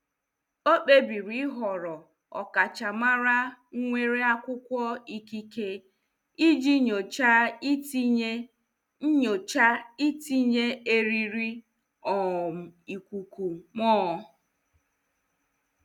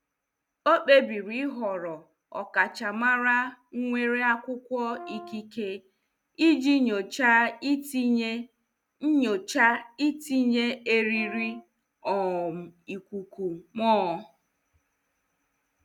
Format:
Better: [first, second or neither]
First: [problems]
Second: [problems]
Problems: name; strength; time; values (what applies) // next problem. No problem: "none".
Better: first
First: none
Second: background sound (Brass instrument); 17 dB below the speech